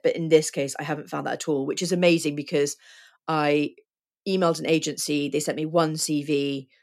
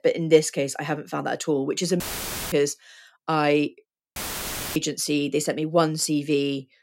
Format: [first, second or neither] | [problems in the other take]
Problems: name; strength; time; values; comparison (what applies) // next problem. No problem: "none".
first | audio cutting out; filled with static; at 2 s for 0.5 s and at 4 s for 0.5 s